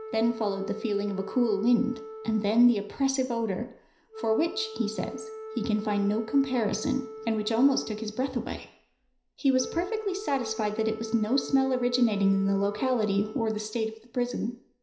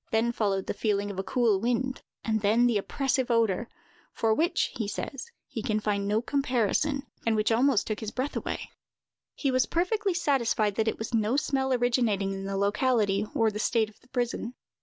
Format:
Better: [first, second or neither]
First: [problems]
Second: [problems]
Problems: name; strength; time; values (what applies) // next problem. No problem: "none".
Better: second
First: background sound (Wind instrument, woodwind instrument); 14 dB below the speech // room echo; dies away in 0.5 s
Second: none